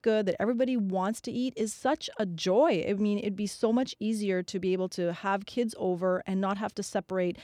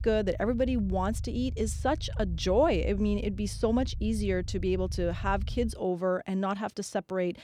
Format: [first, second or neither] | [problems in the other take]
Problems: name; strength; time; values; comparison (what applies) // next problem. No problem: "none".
first | low rumble; faint; until 5.5 s; 25 dB below the speech